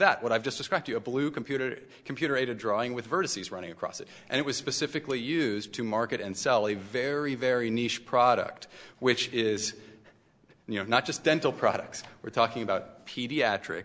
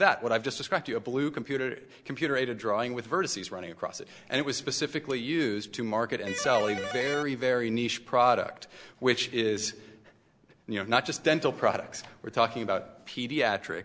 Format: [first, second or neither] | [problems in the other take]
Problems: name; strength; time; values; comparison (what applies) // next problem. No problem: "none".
first | background sound (Electric guitar); 5 dB below the speech